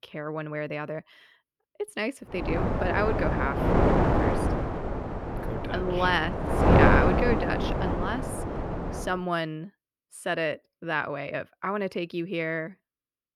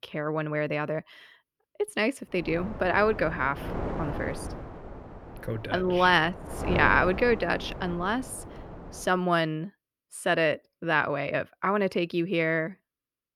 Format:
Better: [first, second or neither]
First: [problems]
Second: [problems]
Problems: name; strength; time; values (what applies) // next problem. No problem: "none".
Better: second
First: wind noise on the microphone; heavy; from 2.5 to 9 s; 1 dB above the speech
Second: wind noise on the microphone; occasional gusts; from 2.5 to 9 s; 15 dB below the speech